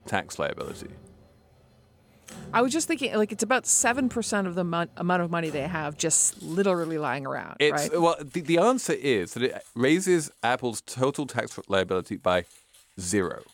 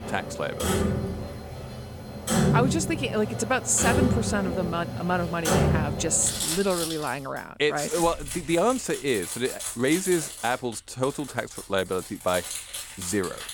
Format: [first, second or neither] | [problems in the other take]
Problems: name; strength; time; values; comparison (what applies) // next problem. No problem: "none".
first | household noises; loud; throughout; 2 dB below the speech; faint in the first